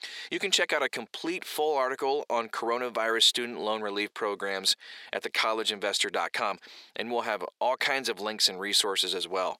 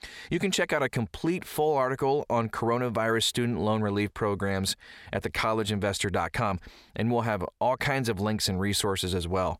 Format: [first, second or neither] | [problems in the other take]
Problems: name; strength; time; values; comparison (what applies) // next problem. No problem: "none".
second | thin; somewhat; fading below 350 Hz